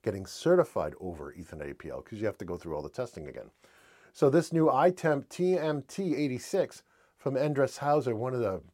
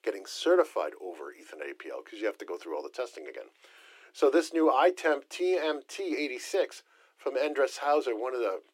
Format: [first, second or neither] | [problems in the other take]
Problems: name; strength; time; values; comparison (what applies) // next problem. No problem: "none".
first | thin; somewhat; fading below 300 Hz